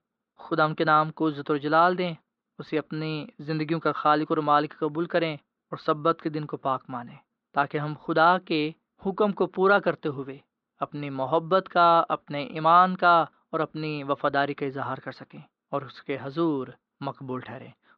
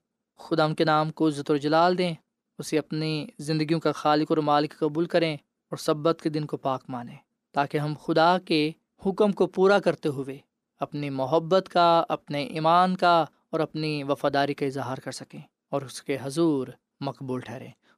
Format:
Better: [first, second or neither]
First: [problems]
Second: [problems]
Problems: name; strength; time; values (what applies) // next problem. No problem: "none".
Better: second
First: muffled; slightly; fading above 4 kHz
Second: none